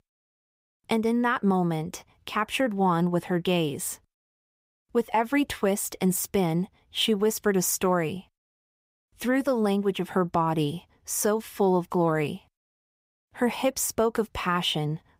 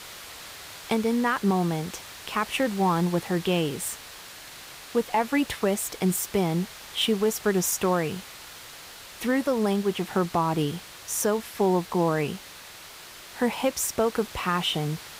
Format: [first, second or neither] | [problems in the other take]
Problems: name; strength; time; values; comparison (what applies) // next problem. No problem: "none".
first | hiss; noticeable; throughout; 15 dB below the speech